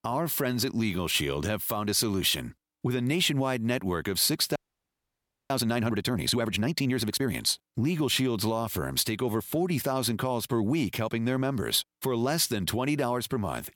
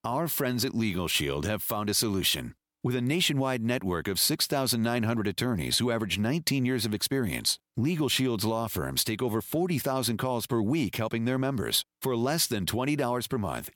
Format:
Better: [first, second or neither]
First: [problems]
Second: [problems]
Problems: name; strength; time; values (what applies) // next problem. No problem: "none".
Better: second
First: audio freezing; at 4.5 s for 1 s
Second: none